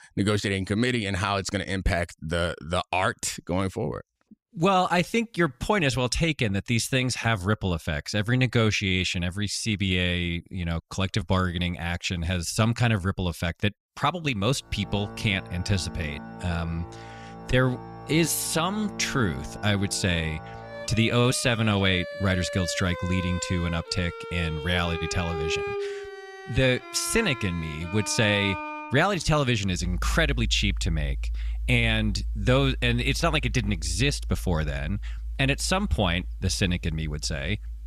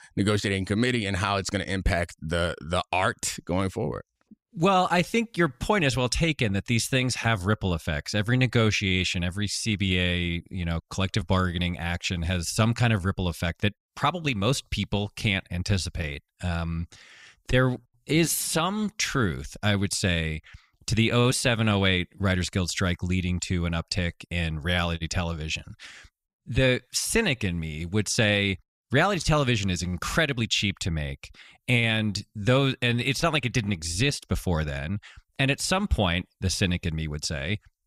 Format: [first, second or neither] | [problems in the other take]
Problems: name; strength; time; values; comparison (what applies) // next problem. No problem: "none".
second | background music; loud; from 15 s on; 10 dB below the speech